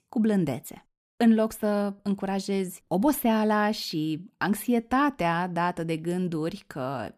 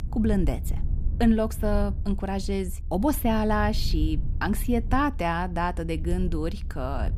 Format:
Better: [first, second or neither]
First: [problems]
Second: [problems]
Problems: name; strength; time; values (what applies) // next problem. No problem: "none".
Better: first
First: none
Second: low rumble; faint; throughout; 20 dB below the speech